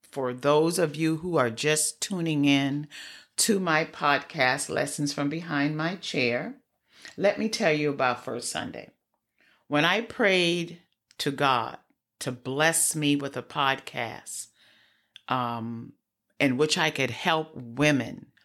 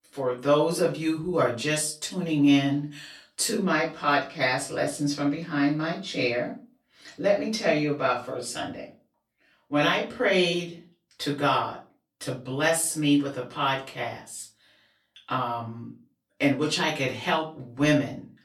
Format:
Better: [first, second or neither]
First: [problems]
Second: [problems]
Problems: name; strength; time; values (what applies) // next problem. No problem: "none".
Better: first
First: none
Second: off-mic speech; far // room echo; very slight; dies away in 0.2 s